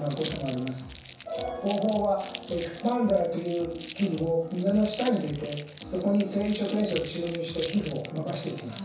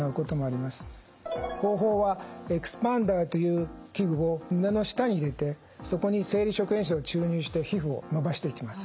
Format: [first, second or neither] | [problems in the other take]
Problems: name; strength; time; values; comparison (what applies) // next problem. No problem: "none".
second | background sound (Crumpling, crinkling); 17 dB below the speech // room echo; dies away in 0.7 s